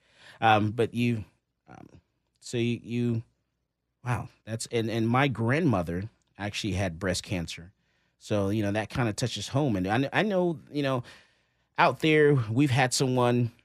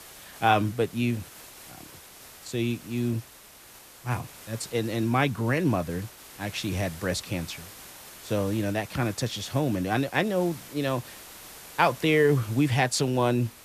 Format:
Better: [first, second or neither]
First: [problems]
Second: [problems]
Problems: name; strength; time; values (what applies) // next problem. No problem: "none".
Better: first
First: none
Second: hiss; noticeable; throughout; 20 dB below the speech